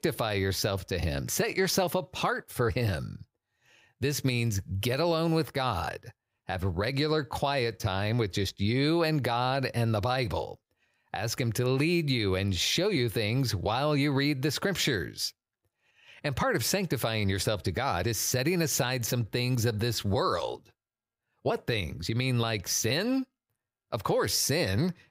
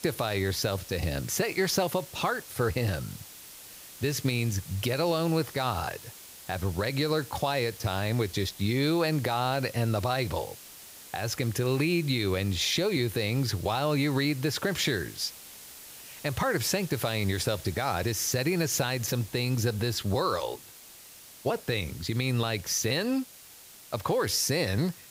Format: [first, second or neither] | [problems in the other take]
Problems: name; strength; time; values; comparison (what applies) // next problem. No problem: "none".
first | hiss; noticeable; throughout; 15 dB below the speech